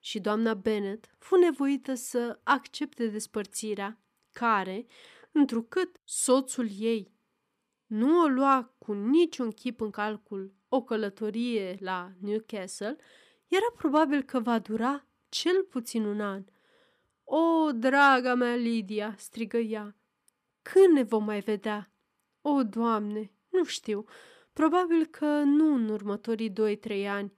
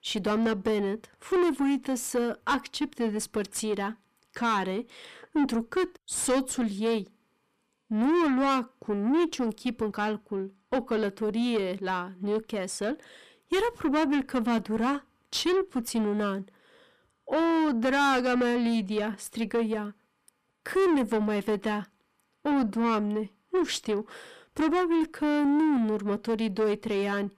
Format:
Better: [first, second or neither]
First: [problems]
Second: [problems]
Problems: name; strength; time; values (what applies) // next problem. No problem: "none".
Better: first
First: none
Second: distortion; heavy; 7 dB below the speech